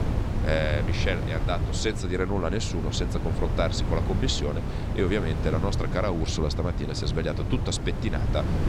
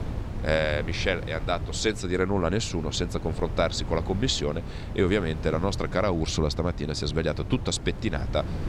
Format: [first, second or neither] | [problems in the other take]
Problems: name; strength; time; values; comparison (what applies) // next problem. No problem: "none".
second | wind noise on the microphone; heavy; 7 dB below the speech; occasional gusts in the second